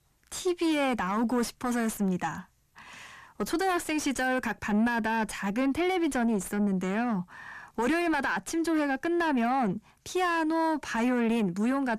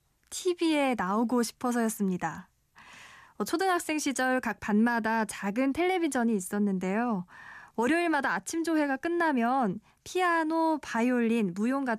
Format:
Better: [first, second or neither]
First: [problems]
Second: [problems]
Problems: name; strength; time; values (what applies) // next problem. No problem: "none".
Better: second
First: distortion; slight; 10 dB below the speech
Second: none